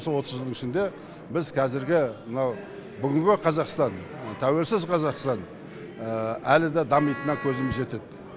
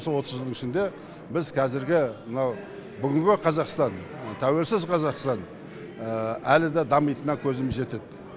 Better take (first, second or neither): second